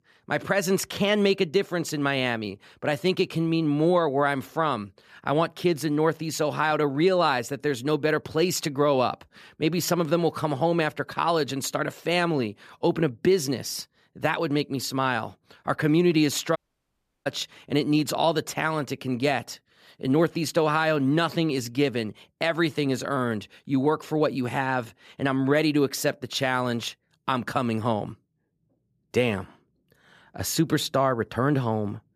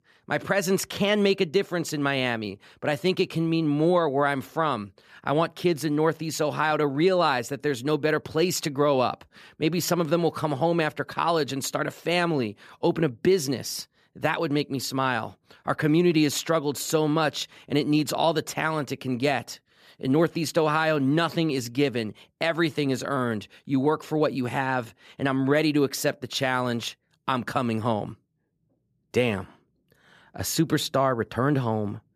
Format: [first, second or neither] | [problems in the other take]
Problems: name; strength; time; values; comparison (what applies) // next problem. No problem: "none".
second | audio cutting out; at 17 s for 0.5 s